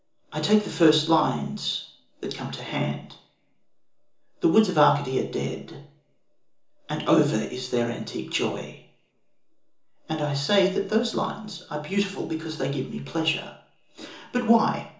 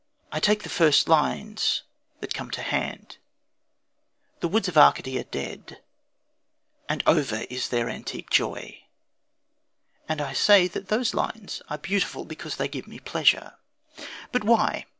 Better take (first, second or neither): second